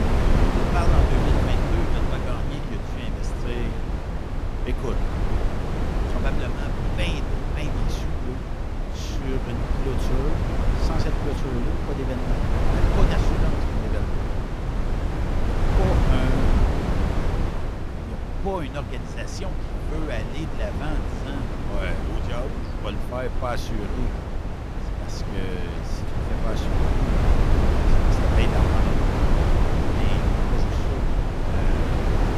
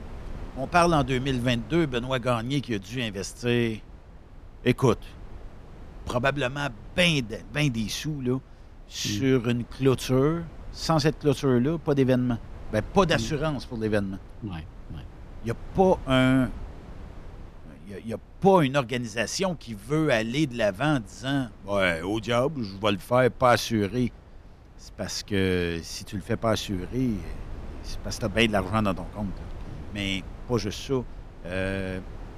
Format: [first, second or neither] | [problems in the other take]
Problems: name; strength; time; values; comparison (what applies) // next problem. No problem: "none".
second | wind noise on the microphone; heavy; 4 dB above the speech; occasional gusts in the second